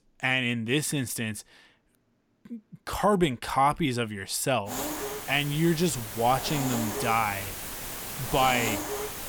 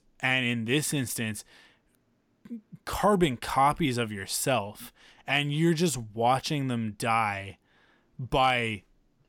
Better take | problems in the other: second | hiss; loud; from 4.5 s on; 6 dB below the speech

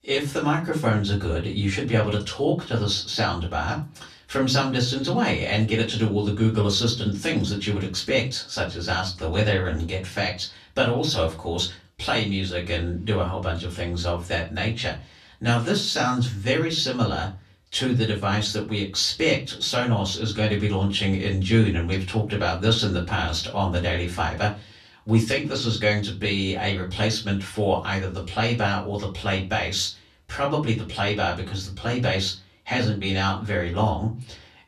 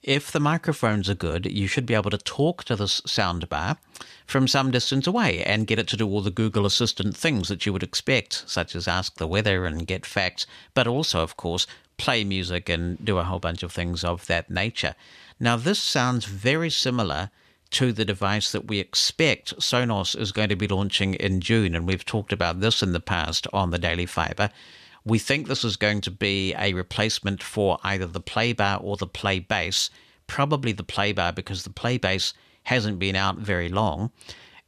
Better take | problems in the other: second | off-mic speech; far // room echo; very slight; dies away in 0.3 s

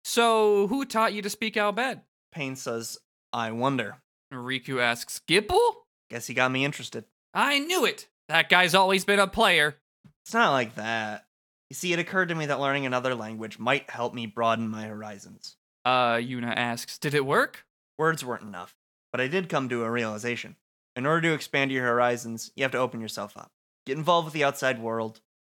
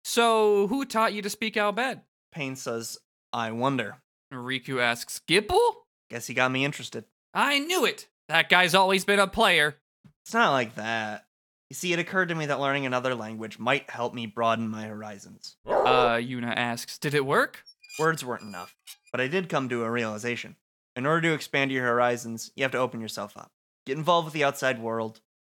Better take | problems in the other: first | dog barking; loud; at 16 s; peak 2 dB above the speech // clattering dishes; faint; from 18 to 19 s; peak 15 dB below the speech

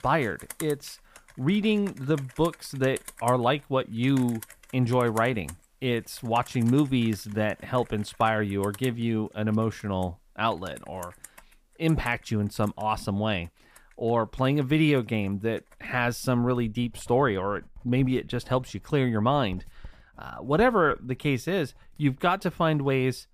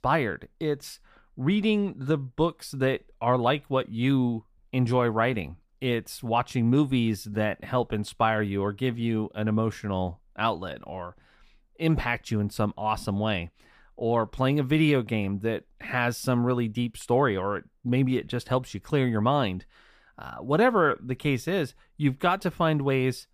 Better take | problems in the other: second | household noises; faint; throughout; 20 dB below the speech

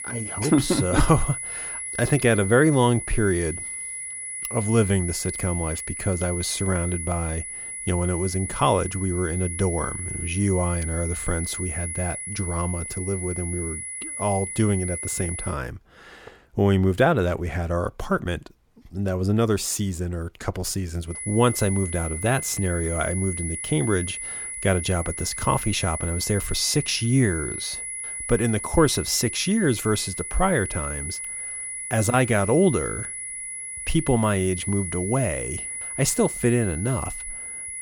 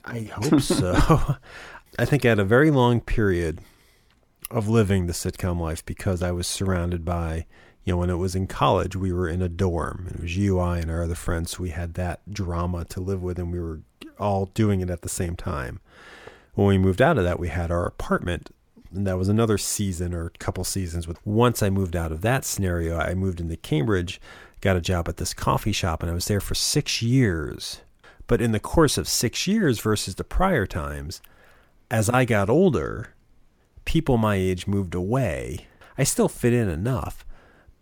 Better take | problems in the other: second | high-pitched whine; loud; until 16 s and from 21 s on; 10 kHz, 6 dB below the speech

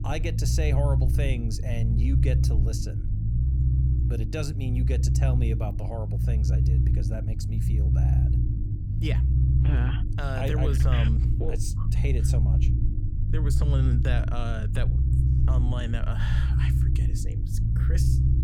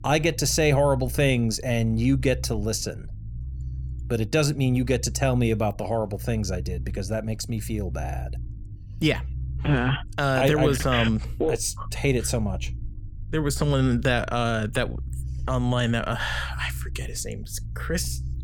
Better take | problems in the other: second | low rumble; loud; throughout; 2 dB below the speech; faint in the second

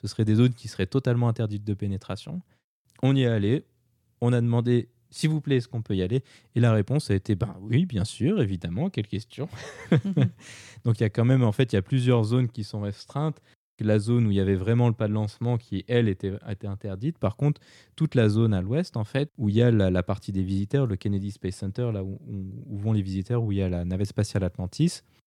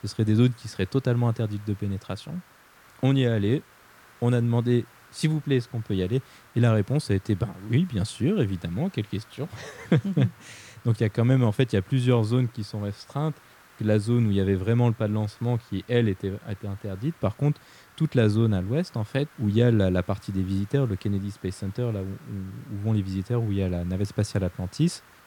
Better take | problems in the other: first | hiss; faint; throughout; 25 dB below the speech

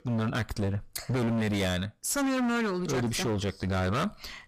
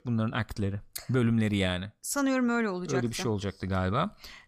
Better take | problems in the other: second | distortion; heavy; 28% of the sound clipped

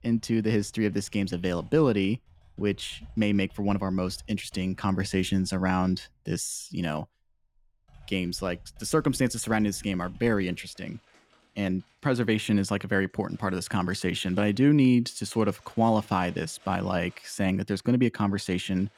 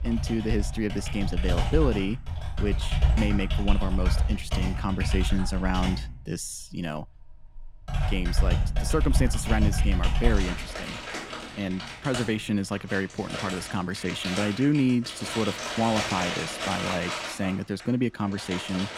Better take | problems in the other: first | household noises; loud; throughout; 1 dB below the speech; faint in the first

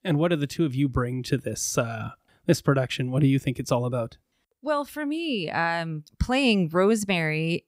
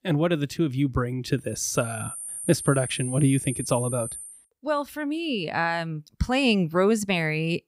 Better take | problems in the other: first | high-pitched whine; loud; from 1.5 to 4.5 s; 9 kHz, 8 dB below the speech

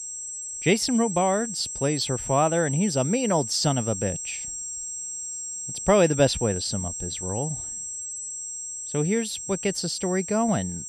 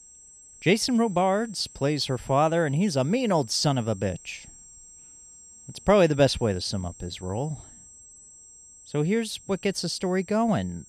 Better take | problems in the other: second | high-pitched whine; loud; throughout; 7.5 kHz, 6 dB below the speech; faint in the second

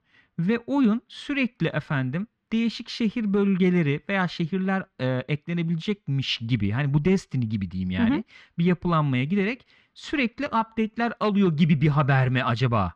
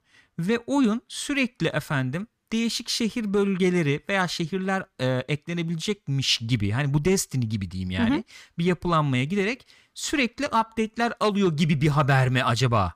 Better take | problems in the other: second | muffled; slightly; fading above 3 kHz

